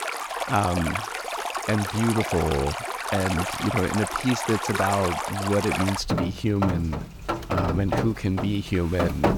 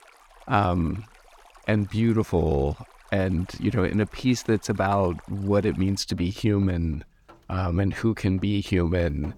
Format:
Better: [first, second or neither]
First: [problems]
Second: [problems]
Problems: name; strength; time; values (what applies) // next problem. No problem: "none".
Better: second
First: rain or running water; loud; throughout; 3 dB below the speech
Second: rain or running water; faint; throughout; 25 dB below the speech